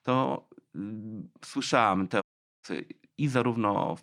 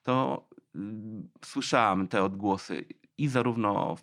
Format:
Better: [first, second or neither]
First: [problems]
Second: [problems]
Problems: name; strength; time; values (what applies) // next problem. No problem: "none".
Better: second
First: audio cutting out; at 2 s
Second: none